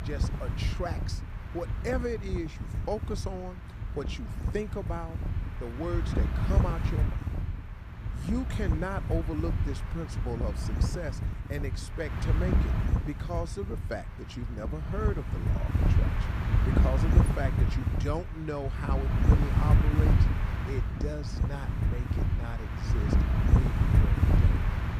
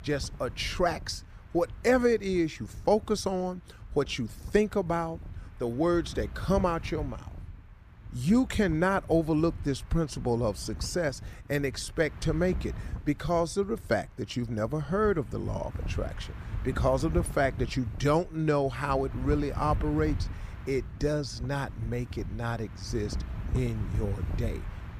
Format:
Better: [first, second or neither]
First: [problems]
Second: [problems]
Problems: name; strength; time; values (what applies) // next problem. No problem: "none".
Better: second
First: wind noise on the microphone; heavy; 1 dB below the speech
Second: wind noise on the microphone; occasional gusts; 20 dB below the speech